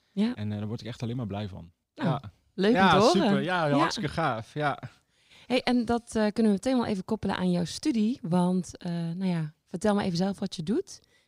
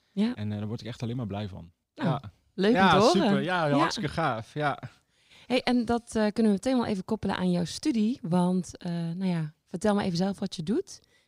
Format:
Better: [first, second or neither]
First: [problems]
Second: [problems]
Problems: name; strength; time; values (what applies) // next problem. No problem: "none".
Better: neither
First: none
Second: none